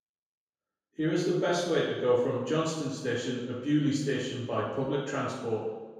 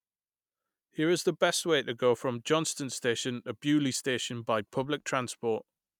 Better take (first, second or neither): second